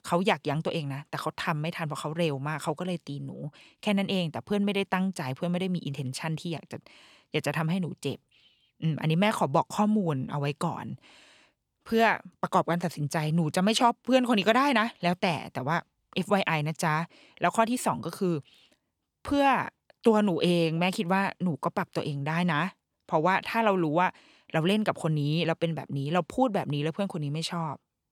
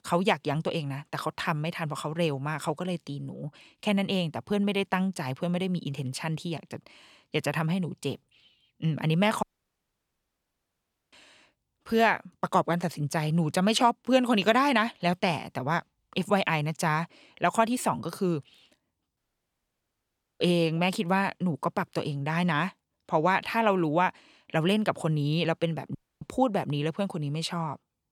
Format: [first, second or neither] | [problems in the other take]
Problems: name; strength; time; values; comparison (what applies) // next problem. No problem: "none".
first | audio cutting out; at 9.5 s for 1.5 s, at 19 s for 1 s and at 26 s